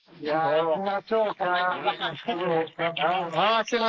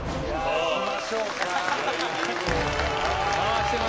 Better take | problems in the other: second | noise reduction (neural mask model Resemble Enhance denoiser)

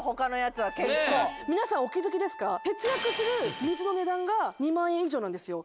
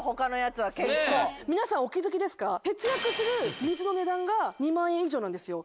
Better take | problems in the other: second | background sound (Trumpet); 15 dB below the speech

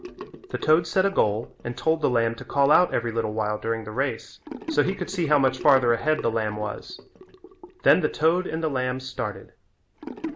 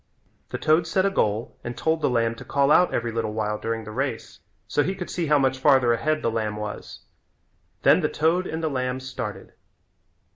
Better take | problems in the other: second | background sound (Sink (filling or washing) / Gurgling); 16 dB below the speech

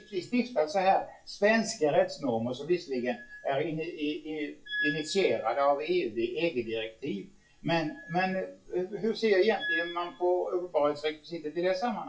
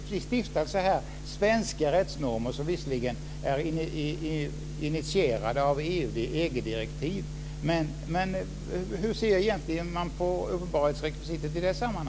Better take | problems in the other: second | noise reduction (classical method WPE with log-MMSE)

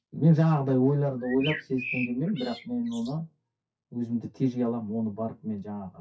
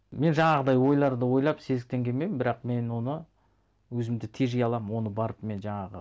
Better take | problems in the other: second | noise reduction (classical method WPE with log-MMSE)

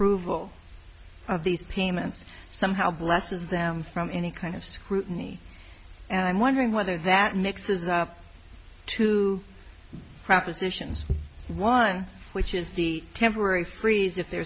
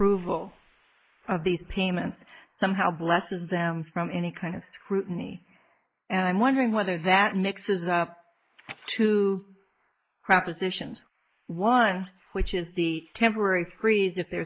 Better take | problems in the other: first | noise reduction (neural mask model Resemble Enhance denoiser)

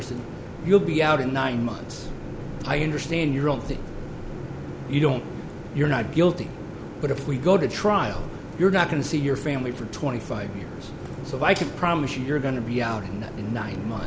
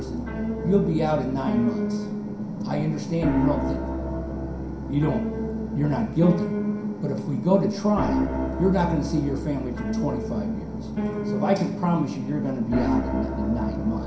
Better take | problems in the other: first | background sound (Piano); 3 dB below the speech // room echo; dies away in 0.5 s

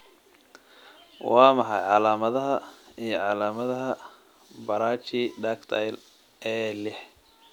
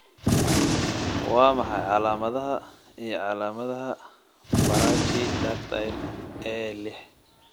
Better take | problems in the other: first | background sound (Gunshot, gunfire); 1 dB above the speech

